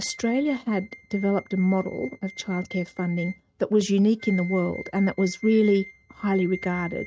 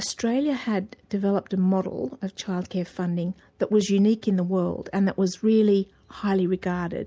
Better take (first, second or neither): second